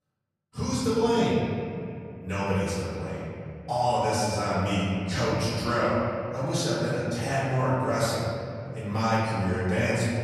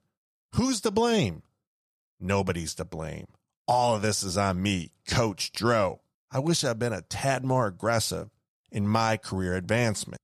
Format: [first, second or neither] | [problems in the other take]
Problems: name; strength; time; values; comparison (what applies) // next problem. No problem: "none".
second | off-mic speech; far // room echo; strong; dies away in 2.6 s